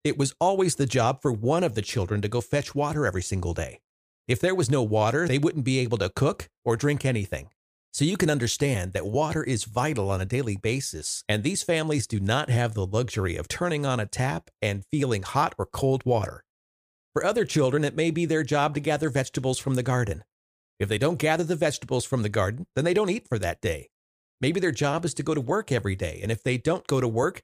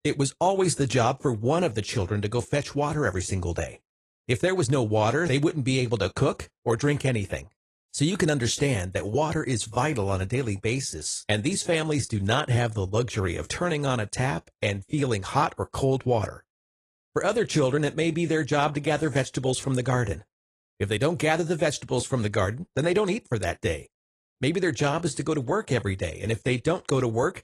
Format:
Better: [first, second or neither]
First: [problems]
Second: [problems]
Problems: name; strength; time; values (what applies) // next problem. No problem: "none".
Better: first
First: none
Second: garbled, watery; slightly